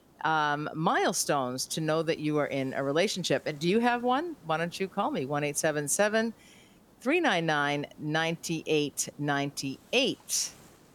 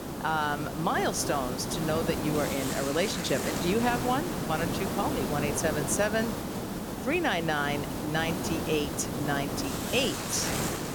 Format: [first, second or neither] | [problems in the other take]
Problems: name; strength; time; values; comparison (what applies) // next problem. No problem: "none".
first | hiss; loud; throughout; 2 dB below the speech; faint in the first